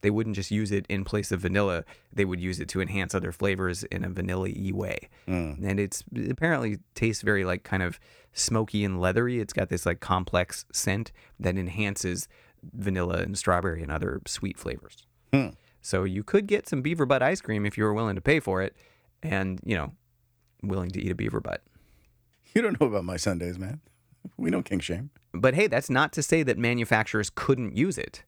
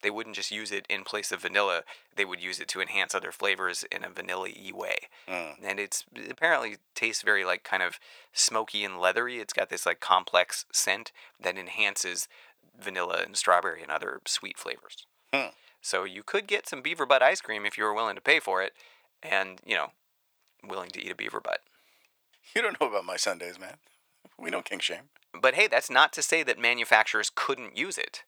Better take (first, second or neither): first